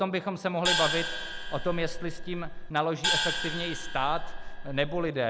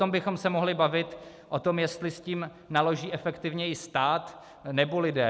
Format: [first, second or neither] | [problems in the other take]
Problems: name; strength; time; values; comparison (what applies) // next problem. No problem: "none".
second | background sound (Gong); as loud as the speech